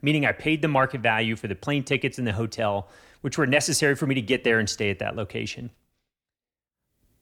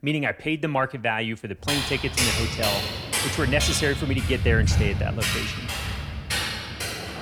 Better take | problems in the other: first | footsteps; loud; from 1.5 s on; peak 5 dB above the speech

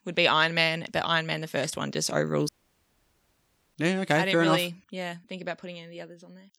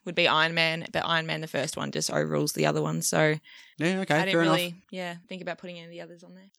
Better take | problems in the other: second | audio cutting out; at 2.5 s for 1.5 s

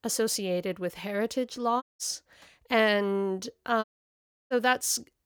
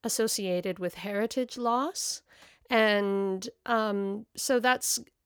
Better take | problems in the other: second | audio cutting out; at 2 s and at 4 s for 0.5 s

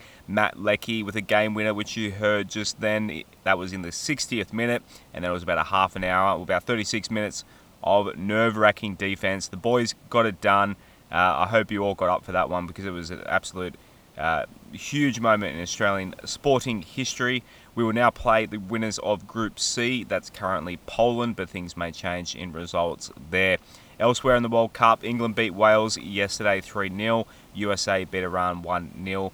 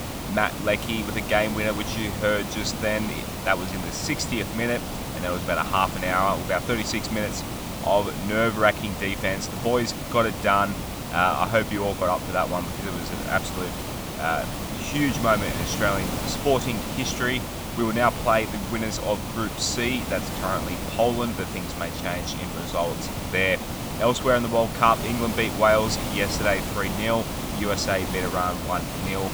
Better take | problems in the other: first | hiss; loud; throughout; 5 dB below the speech; faint in the first

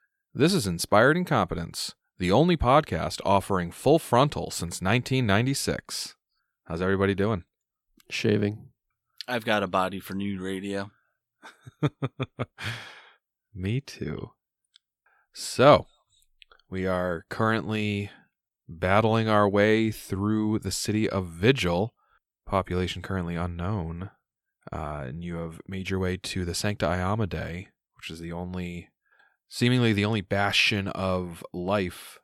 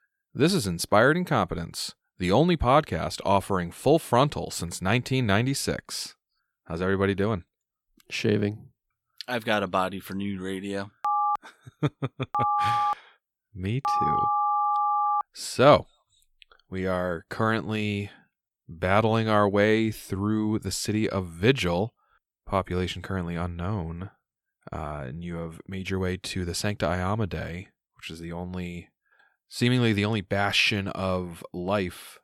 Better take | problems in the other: first | phone ringing; loud; from 11 to 15 s; peak 2 dB above the speech

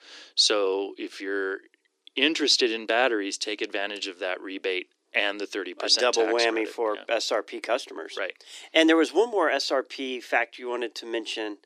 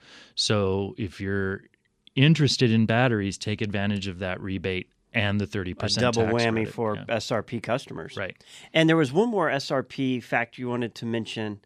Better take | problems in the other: second | thin; very; fading below 300 Hz

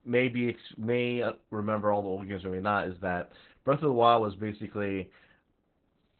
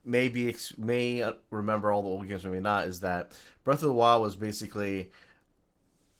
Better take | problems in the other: second | garbled, watery; badly; nothing above 3.5 kHz; slightly in the second

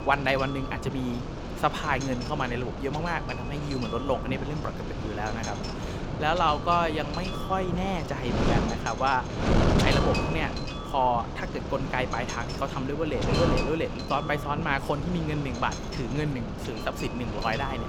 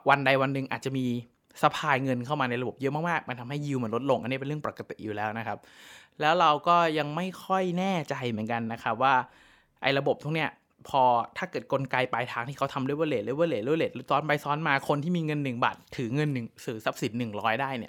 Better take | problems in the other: second | wind noise on the microphone; heavy; 5 dB below the speech

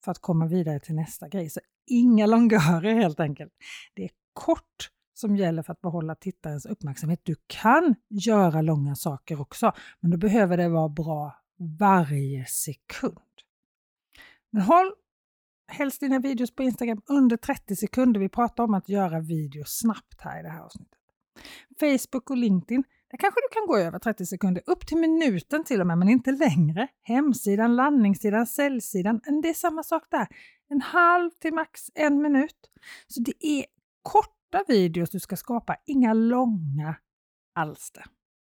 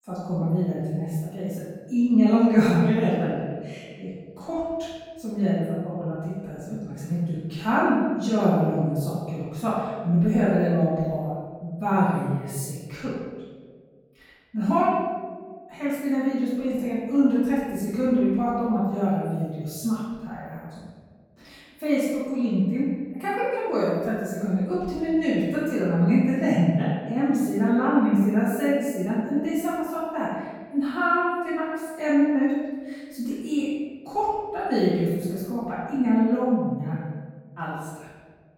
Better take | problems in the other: first | off-mic speech; far // room echo; strong; dies away in 1.4 s

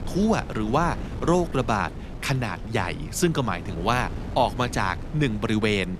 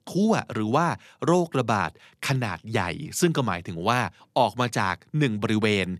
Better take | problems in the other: second | wind noise on the microphone; occasional gusts; 15 dB below the speech

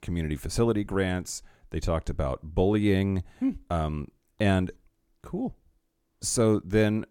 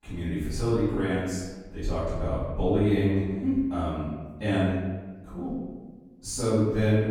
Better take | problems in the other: first | off-mic speech; far // room echo; strong; dies away in 1.2 s

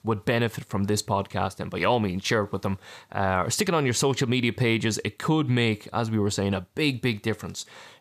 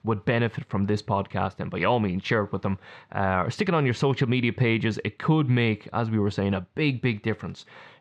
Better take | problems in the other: first | muffled; slightly; fading above 2.5 kHz

